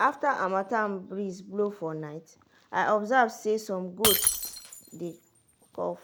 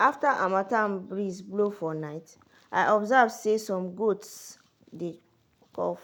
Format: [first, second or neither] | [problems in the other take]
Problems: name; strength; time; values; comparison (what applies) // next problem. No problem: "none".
second | background sound (Shatter); 6 dB below the speech